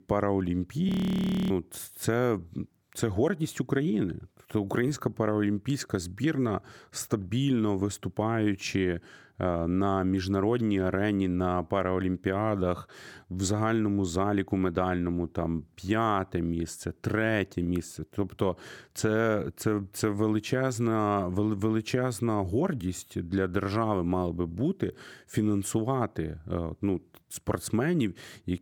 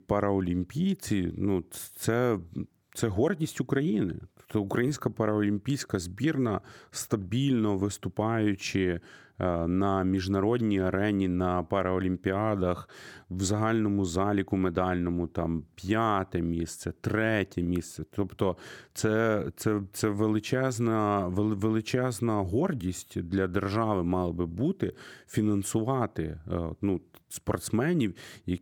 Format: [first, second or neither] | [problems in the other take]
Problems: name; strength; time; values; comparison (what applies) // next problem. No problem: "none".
second | audio freezing; at 1 s for 0.5 s